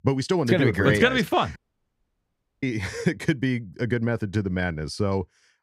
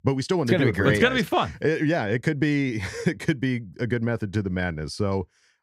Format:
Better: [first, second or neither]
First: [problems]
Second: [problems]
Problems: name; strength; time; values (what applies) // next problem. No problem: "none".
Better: second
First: audio cutting out; at 1.5 s for 1 s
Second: none